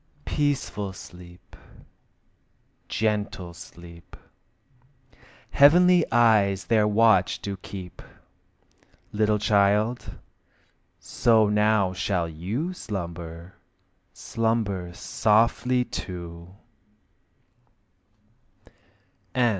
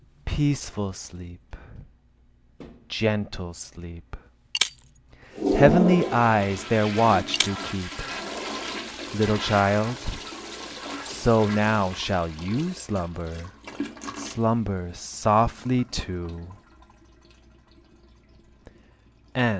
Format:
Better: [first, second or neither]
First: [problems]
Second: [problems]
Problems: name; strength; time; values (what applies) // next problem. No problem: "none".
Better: first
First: none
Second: background sound (Toilet flush + Shatter); 7 dB below the speech